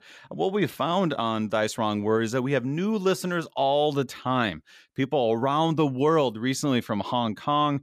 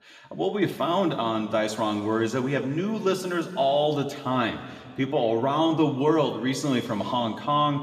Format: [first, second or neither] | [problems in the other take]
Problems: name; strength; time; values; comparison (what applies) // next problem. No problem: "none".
first | room echo; slight; dies away in 2 s